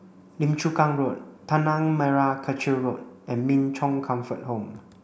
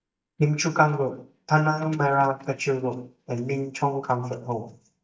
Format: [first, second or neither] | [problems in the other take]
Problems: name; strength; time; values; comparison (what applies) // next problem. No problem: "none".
first | noise reduction (neural mask model DeepFilterNet 3)